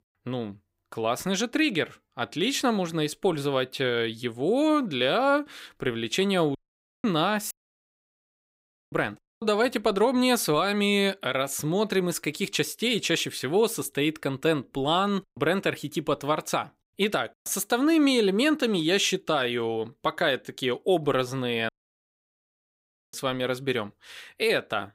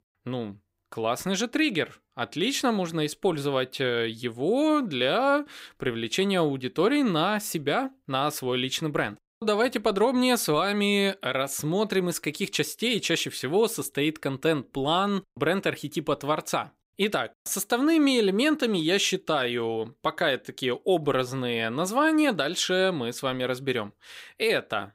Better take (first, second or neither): second